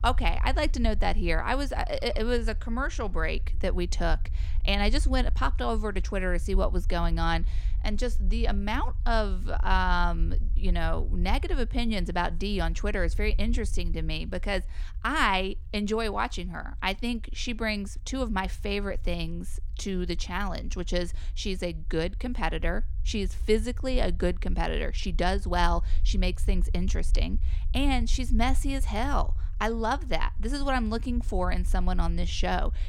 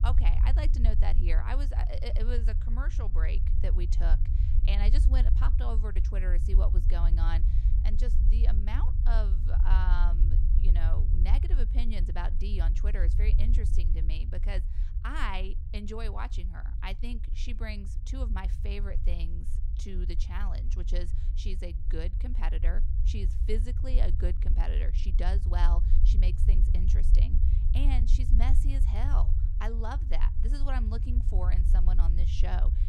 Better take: first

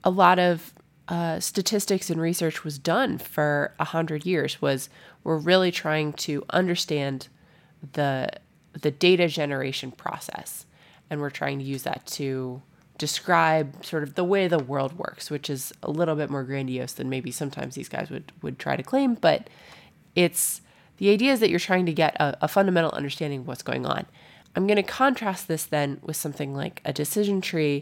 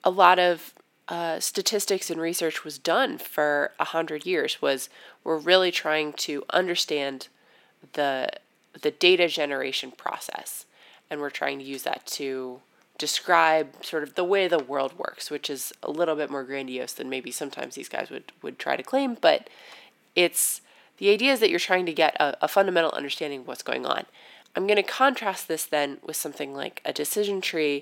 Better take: first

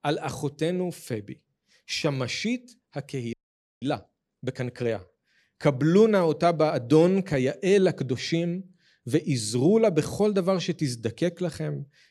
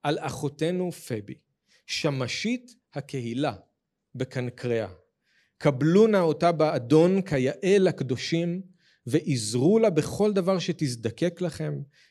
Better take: second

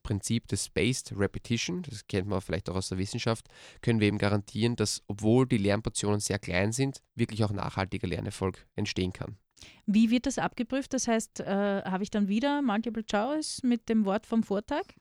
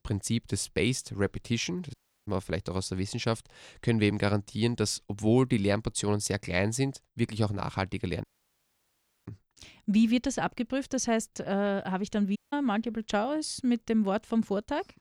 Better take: first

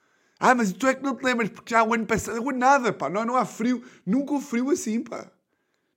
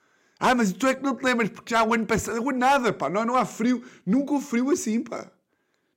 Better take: first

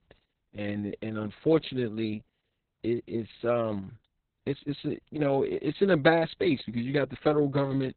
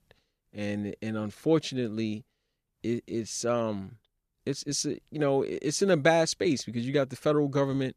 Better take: second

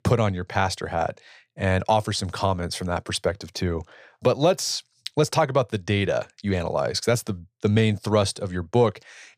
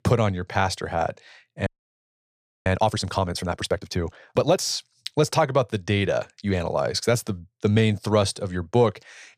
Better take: first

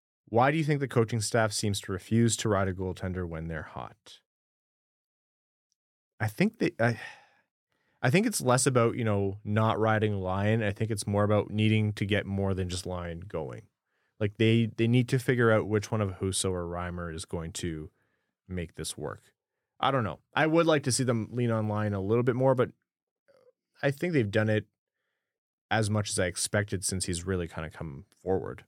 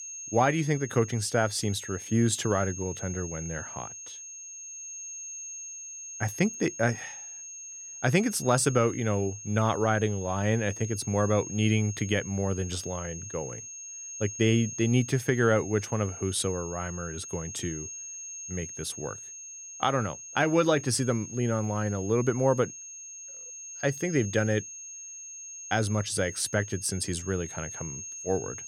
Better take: first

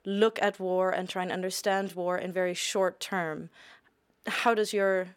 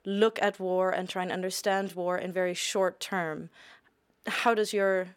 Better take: neither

